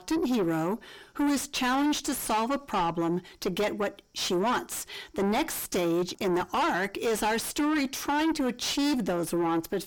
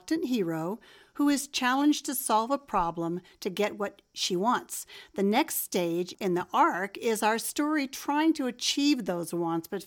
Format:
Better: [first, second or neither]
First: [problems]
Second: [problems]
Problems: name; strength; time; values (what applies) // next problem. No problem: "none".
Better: second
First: distortion; heavy; 5 dB below the speech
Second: none